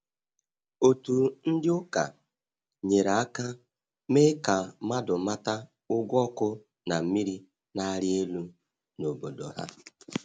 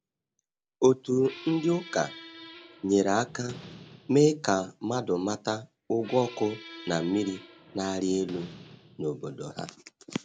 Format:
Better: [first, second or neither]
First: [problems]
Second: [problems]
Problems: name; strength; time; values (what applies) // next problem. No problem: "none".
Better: first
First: none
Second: background sound (Squeak); 19 dB below the speech